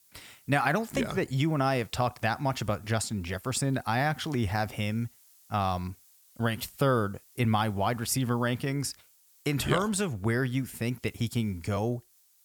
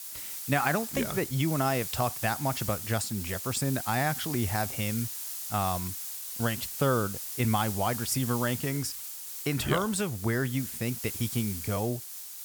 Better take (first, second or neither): first